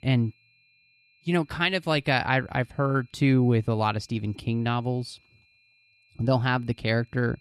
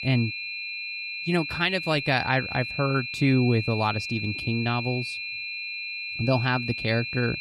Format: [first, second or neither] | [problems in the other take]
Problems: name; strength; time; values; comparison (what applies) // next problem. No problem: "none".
first | high-pitched whine; loud; throughout; 2.5 kHz, 5 dB below the speech; faint in the first